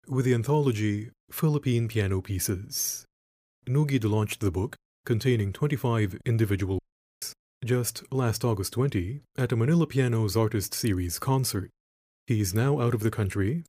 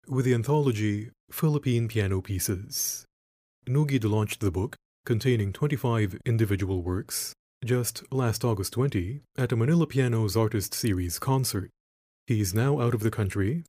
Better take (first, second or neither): second